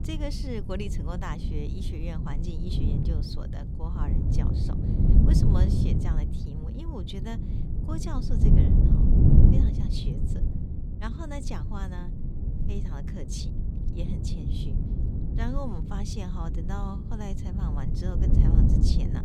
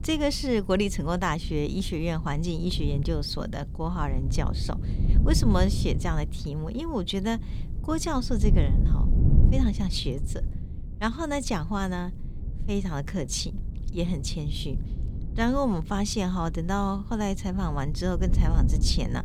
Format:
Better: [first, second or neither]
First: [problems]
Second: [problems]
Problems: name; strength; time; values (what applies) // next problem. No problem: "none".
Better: second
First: wind noise on the microphone; heavy; 2 dB above the speech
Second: wind noise on the microphone; occasional gusts; 15 dB below the speech